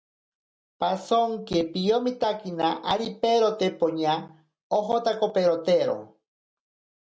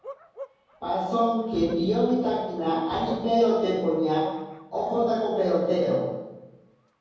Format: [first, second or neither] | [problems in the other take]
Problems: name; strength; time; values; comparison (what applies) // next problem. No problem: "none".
first | background sound (Bark); 20 dB below the speech // room echo; dies away in 1.3 s